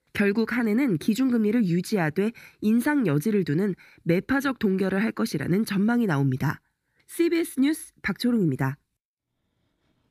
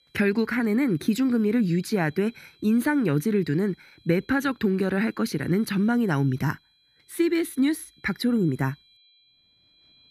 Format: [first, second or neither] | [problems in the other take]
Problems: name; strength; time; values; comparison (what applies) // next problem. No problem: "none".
first | high-pitched whine; faint; throughout; 4 kHz, 30 dB below the speech